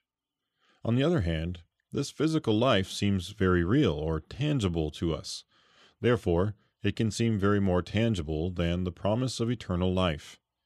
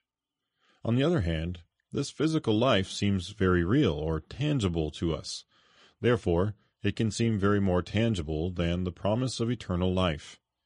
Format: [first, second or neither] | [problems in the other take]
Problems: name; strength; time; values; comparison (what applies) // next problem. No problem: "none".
first | garbled, watery; slightly; nothing above 10.5 kHz